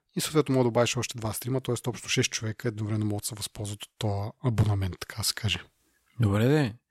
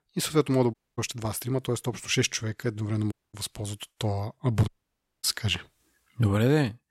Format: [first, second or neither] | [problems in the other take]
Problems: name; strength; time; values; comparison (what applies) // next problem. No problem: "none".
first | audio cutting out; at 0.5 s, at 3 s and at 4.5 s for 0.5 s